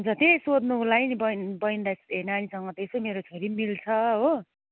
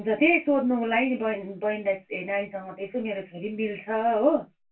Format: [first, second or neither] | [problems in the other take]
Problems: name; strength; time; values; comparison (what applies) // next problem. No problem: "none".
first | room echo; dies away in 0.2 s